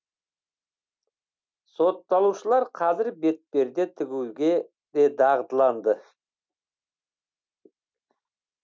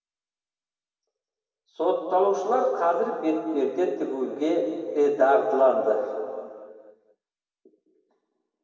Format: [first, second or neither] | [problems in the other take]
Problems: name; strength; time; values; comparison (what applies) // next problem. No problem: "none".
first | room echo; dies away in 2.4 s